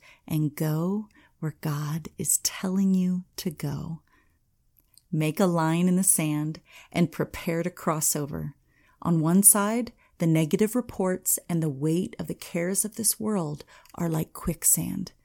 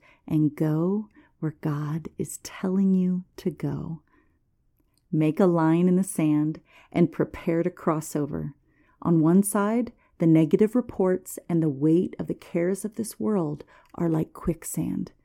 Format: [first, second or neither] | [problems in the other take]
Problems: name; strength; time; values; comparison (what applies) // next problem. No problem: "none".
first | muffled; slightly; fading above 3 kHz